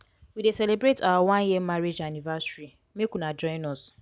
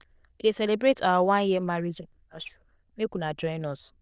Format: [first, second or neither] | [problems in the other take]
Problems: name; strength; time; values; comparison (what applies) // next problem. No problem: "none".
first | noise reduction (neural diffusion model UNIVERSE++)